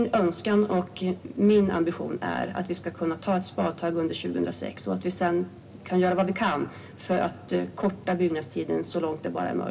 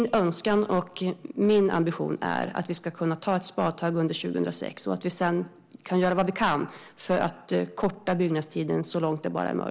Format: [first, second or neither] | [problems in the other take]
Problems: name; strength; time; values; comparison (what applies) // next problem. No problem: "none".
second | background sound (Cricket); 19 dB below the speech // room echo; dies away in 0.4 s